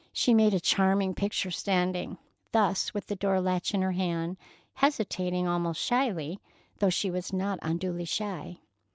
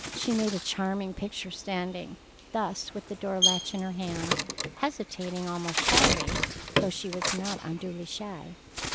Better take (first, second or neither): first